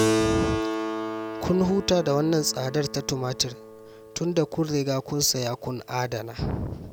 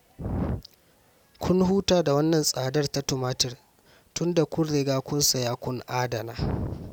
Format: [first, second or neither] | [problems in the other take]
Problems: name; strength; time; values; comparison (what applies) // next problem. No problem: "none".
second | background sound (Keyboard (musical)); 5 dB below the speech